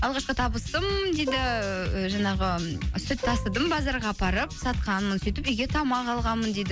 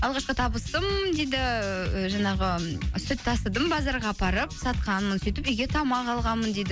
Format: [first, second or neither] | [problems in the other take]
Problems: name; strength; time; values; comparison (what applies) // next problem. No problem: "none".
second | background sound (Plucked string instrument); 13 dB below the speech